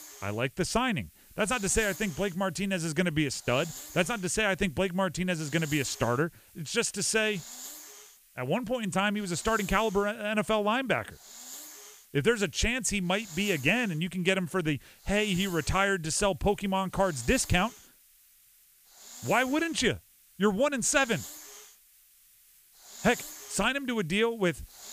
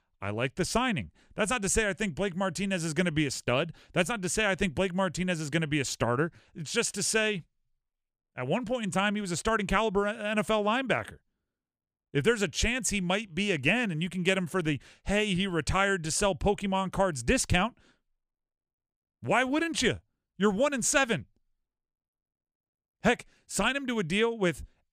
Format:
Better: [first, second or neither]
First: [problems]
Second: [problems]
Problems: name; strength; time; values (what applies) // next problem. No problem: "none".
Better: second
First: hiss; noticeable; throughout; 15 dB below the speech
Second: none